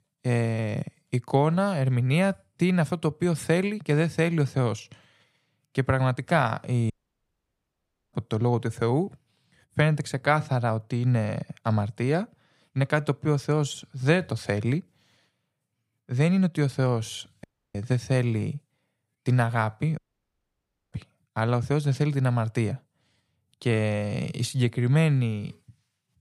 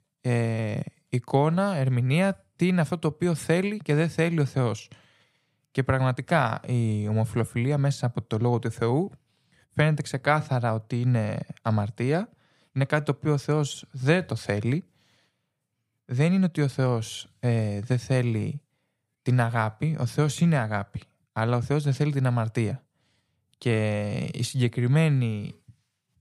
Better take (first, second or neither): second